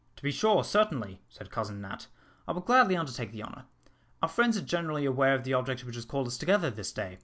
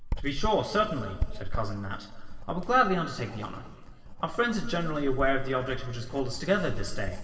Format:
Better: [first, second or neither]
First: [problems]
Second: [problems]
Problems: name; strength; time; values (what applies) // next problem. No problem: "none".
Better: first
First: none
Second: background sound (Writing); 3 dB below the speech // room echo; dies away in 2.3 s